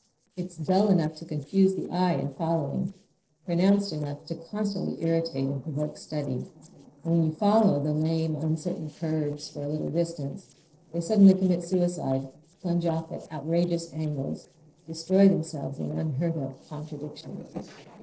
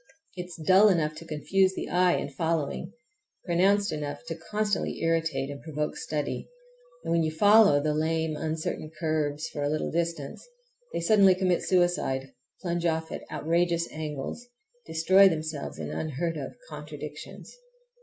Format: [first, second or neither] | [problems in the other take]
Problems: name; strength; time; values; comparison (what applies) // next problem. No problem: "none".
second | noise reduction (neural separator model SepFormer DNS4)